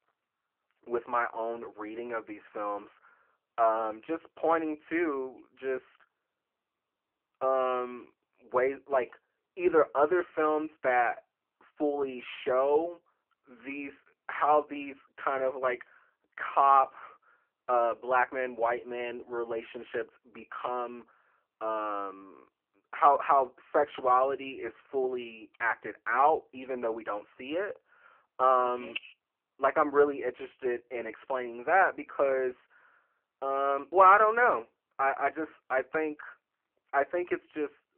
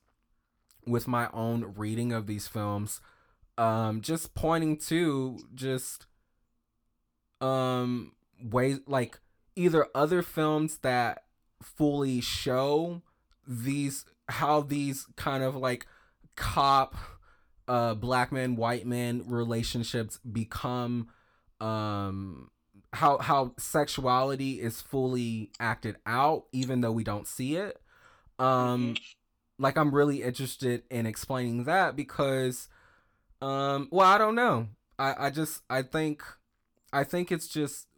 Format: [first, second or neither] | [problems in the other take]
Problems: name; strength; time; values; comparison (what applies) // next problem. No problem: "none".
second | phone-call audio; poor line